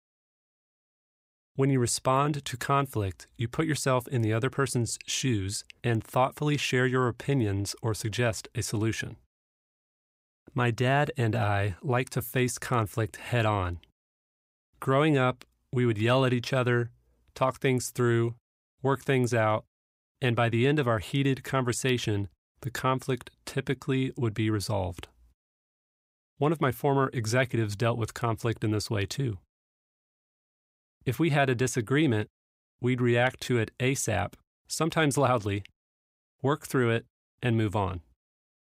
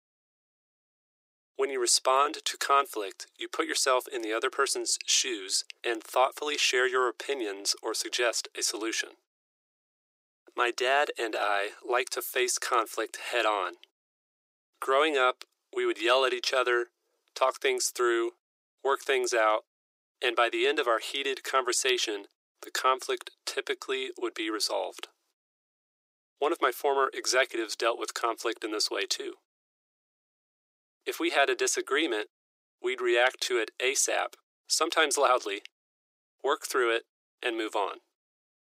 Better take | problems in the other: first | thin; very; fading below 350 Hz

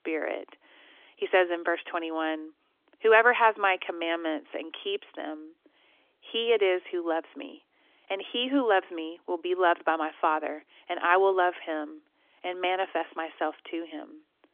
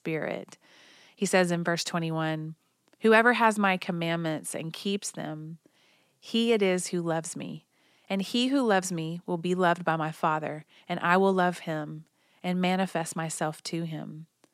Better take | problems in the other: second | phone-call audio; nothing above 3.5 kHz

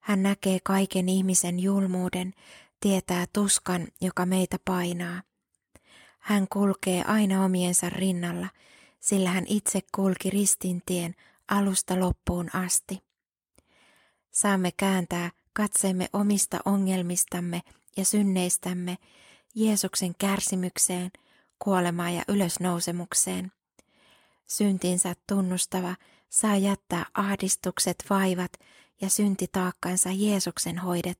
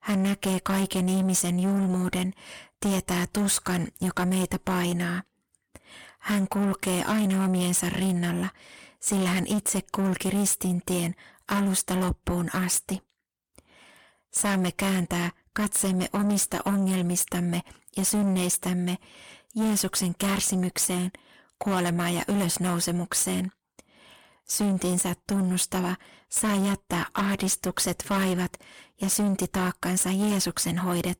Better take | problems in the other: first | distortion; heavy; 7 dB below the speech

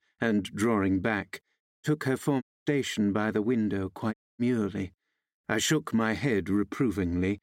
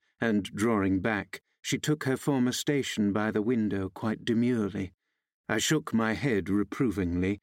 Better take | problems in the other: second | audio cutting out; at 1.5 s, at 2.5 s and at 4 s

